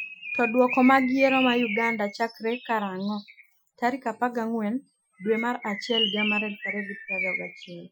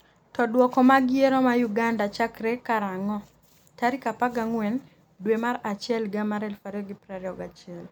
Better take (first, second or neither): second